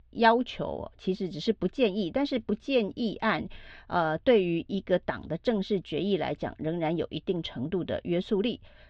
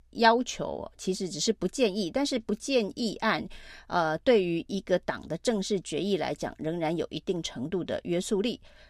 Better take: second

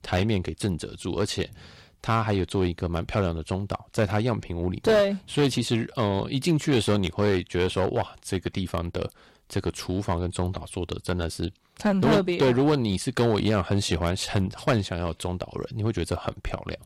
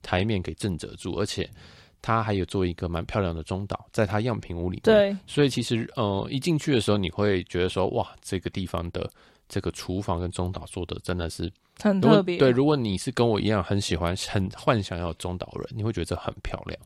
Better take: second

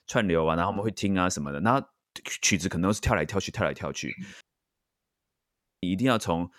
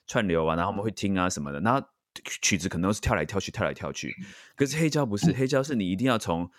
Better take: second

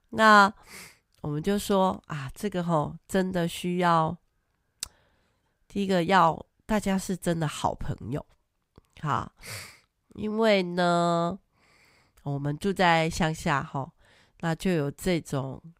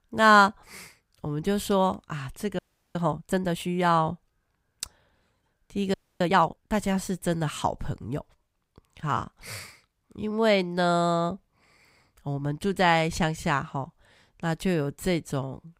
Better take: first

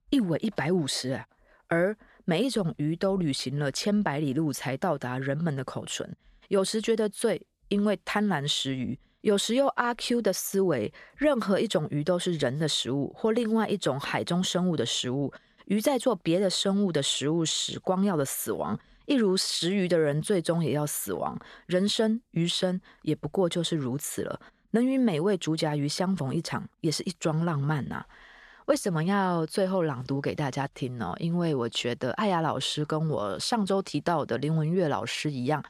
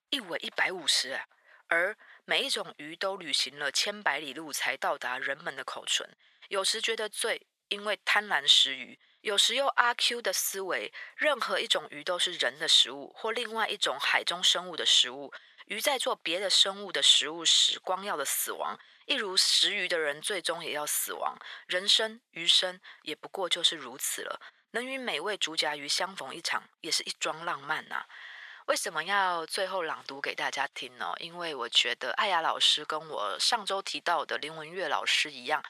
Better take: first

